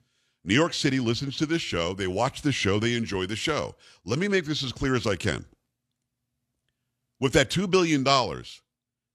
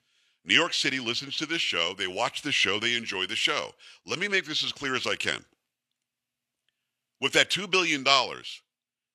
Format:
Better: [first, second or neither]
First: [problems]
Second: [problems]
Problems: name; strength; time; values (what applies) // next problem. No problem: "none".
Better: first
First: none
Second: thin; somewhat; fading below 700 Hz